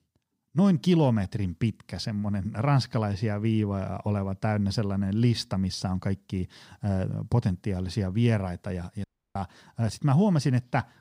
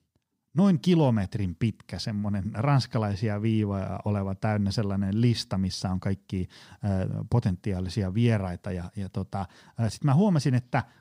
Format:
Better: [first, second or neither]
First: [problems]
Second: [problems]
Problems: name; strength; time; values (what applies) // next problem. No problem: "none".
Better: second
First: audio cutting out; at 9 s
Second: none